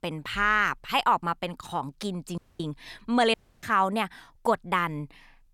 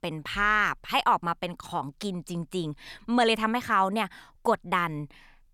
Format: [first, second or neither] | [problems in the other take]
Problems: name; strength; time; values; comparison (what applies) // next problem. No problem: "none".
second | audio cutting out; at 2.5 s and at 3.5 s